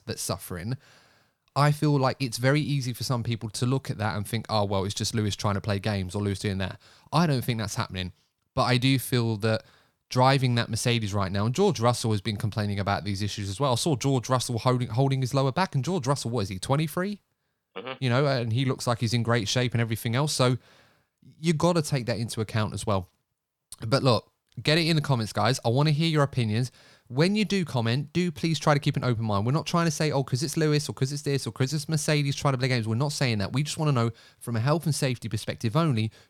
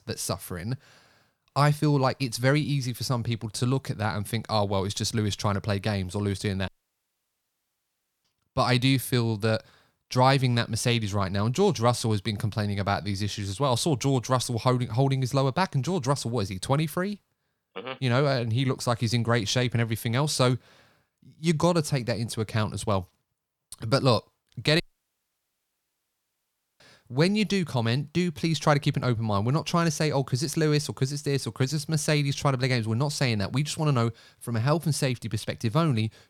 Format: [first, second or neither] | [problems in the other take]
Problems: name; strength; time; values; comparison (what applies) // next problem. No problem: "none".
first | audio cutting out; at 6.5 s for 1.5 s and at 25 s for 2 s